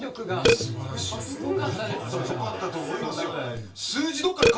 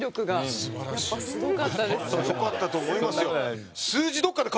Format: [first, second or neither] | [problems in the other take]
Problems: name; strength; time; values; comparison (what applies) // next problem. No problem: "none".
second | background sound (Burping, eructation); 1 dB below the speech // room echo; dies away in 0.2 s